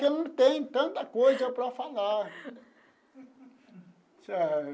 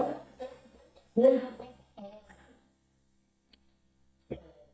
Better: first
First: none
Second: noise reduction (neural mask model DeepFilterNet 3)

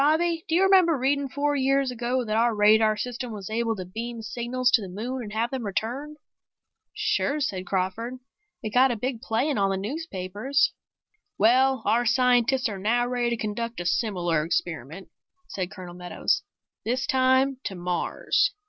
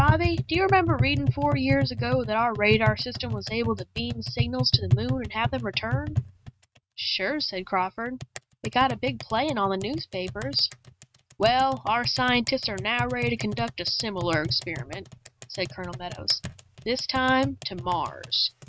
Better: first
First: none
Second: noise reduction (neural mask model RNNoise)

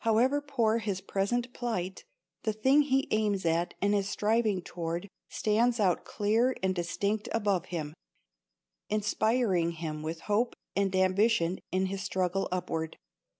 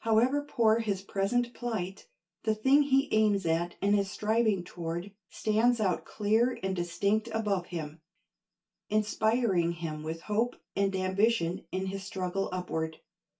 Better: first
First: none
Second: room echo; dies away in 0.2 s

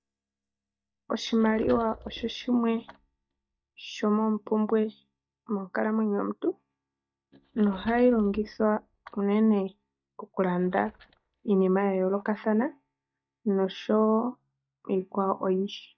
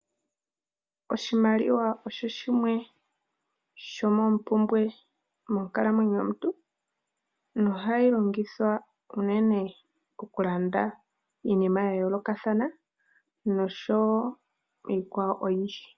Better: second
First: noise reduction (neural mask model DeepFilterNet 3)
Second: none

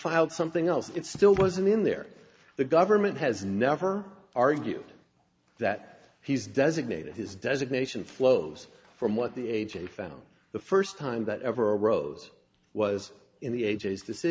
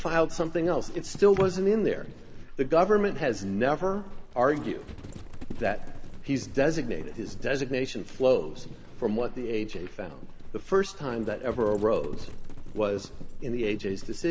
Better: first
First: none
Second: background sound (Livestock, farm animals, working animals); 8 dB below the speech

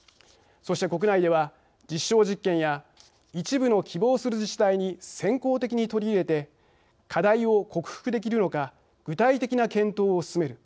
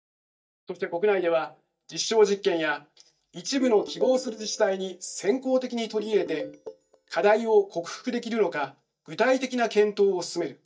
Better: first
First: none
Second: noise reduction (neural mask model DeepFilterNet 3)

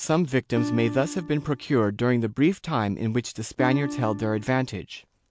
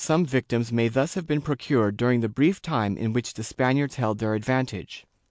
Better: second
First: background sound (Acoustic guitar); 8 dB below the speech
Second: none

